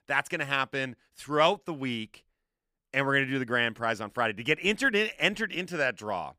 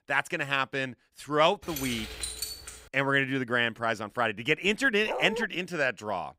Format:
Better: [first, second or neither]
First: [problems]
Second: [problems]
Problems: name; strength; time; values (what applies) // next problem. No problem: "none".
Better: first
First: none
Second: jangling keys; noticeable; from 1.5 to 3 s; peak 6 dB below the speech // dog barking; noticeable; at 5 s; peak 5 dB below the speech